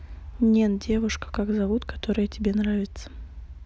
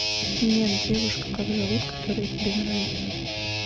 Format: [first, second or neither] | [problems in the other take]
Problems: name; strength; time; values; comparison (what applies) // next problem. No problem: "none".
first | noise reduction (neural mask model RNNoise)